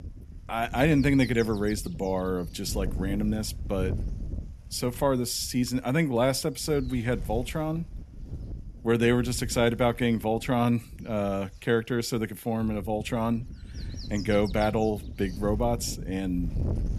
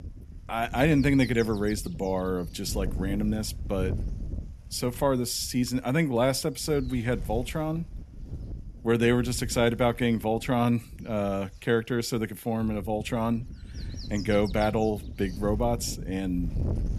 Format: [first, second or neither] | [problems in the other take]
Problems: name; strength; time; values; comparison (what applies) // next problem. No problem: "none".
neither | wind noise on the microphone; occasional gusts; 20 dB below the speech; the same in both